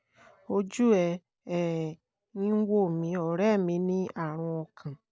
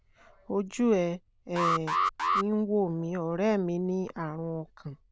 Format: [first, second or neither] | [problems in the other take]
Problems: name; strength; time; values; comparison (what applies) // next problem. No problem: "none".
first | noise reduction (neural diffusion model UNIVERSE++)